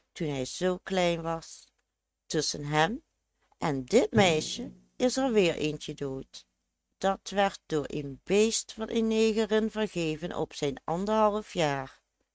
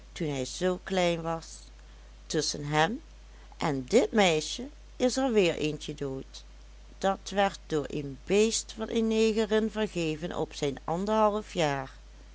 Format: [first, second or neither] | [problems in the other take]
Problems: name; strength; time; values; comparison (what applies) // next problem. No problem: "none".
second | noise reduction (neural mask model RNNoise)